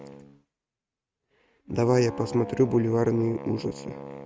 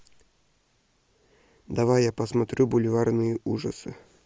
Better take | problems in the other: second | noise reduction (neural mask model RNNoise)

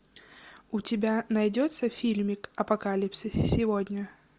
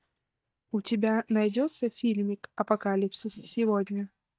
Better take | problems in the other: first | noise reduction (neural mask model DeepFilterNet 3)

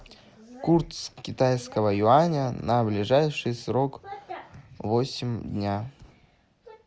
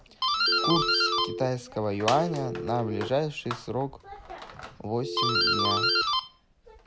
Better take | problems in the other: first | background sound (Telephone + Doorbell); 2 dB above the speech

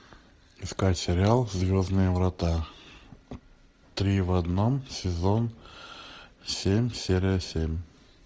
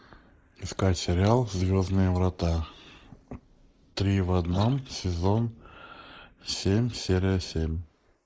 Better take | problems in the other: first | noise reduction (neural mask model Resemble Enhance denoiser)

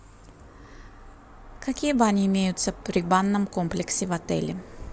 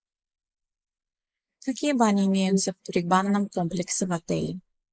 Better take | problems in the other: first | noise reduction (neural mask model Resemble Enhance denoiser)

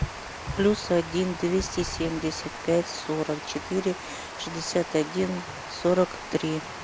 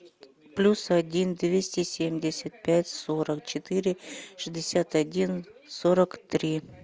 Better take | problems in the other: second | background sound (Water); 9 dB below the speech

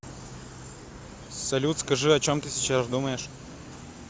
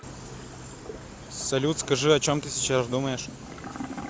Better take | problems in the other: first | background sound (Toilet flush / Gurgling); 16 dB below the speech

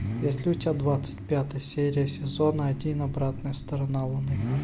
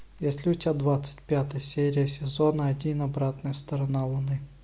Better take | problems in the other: second | background sound (Idling / Accelerating, revving, vroom / Car); 7 dB below the speech

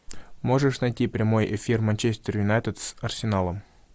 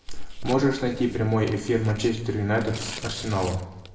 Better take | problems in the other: first | background sound (Tearing); 18 dB below the speech // room echo; dies away in 0.8 s

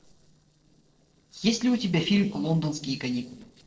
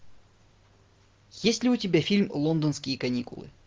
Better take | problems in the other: second | noise reduction (neural separator model SepFormer DNS4)

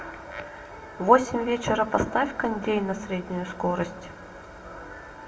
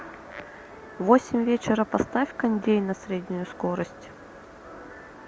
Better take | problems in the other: second | room echo; dies away in 1.1 s

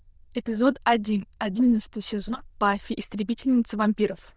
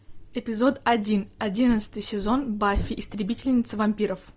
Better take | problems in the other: second | noise reduction (neural diffusion model UNIVERSE++)

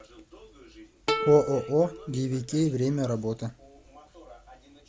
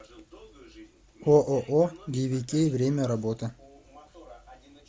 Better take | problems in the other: second | background sound (Plucked string instrument); 7 dB below the speech

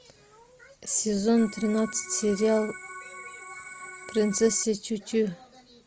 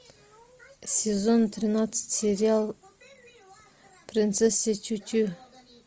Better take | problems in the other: second | background sound (Organ); 14 dB below the speech

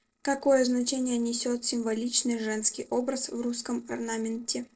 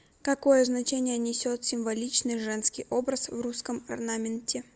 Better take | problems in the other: second | noise reduction (neural separator model SepFormer DNS4)

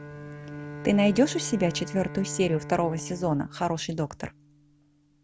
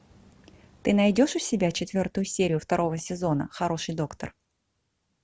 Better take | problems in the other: second | background sound (Bowed string instrument); 13 dB below the speech

